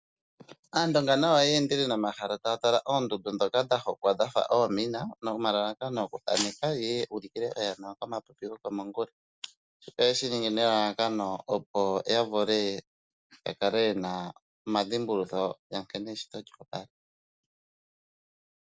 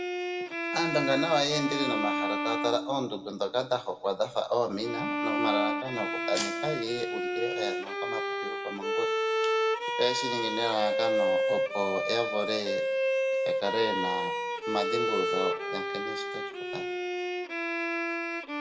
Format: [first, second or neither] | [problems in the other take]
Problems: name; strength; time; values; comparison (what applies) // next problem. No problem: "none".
first | background sound (Bowed string instrument); 1 dB above the speech // room echo; dies away in 0.8 s